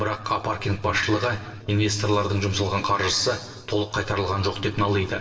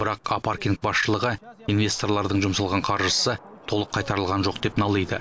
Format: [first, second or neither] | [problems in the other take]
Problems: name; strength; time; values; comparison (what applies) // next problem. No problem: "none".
second | noise reduction (neural separator model SepFormer DNS4)